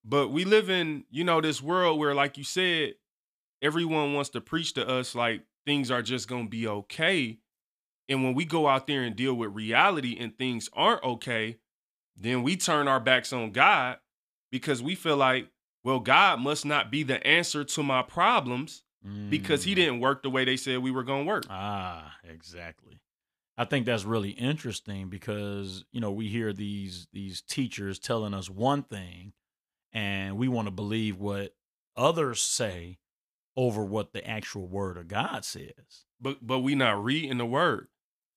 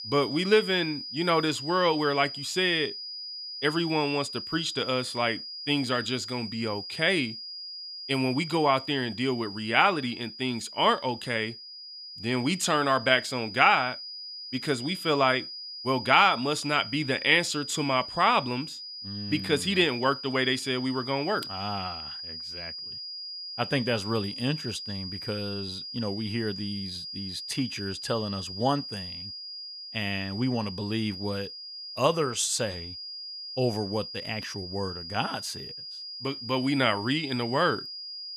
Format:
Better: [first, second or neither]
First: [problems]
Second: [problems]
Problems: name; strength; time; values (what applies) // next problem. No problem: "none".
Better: first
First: none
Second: high-pitched whine; loud; throughout; 5 kHz, 9 dB below the speech